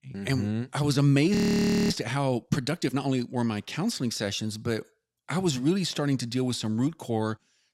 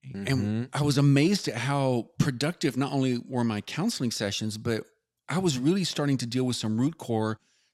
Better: second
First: audio freezing; at 1.5 s for 0.5 s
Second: none

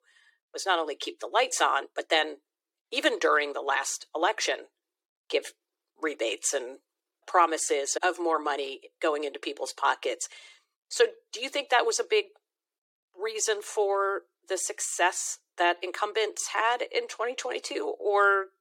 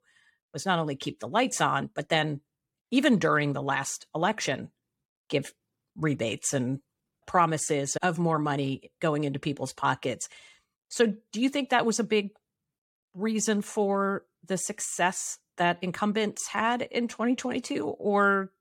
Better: second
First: thin; very; fading below 350 Hz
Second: none

